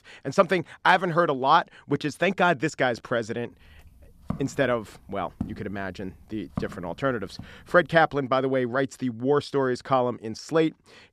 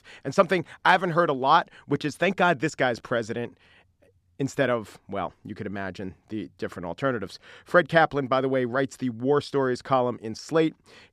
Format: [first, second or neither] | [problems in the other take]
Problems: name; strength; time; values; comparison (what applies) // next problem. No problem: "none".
second | footsteps; faint; from 4.5 to 7.5 s; peak 10 dB below the speech